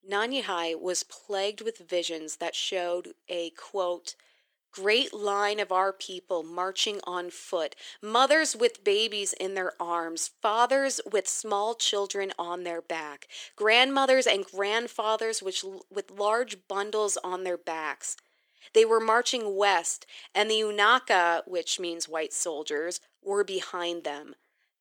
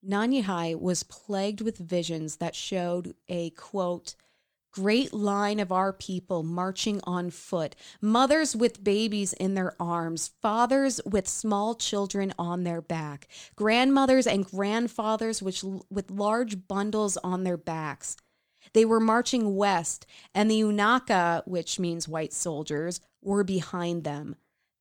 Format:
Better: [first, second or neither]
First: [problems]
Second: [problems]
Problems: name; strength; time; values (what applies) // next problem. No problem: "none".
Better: second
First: thin; very; fading below 400 Hz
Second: none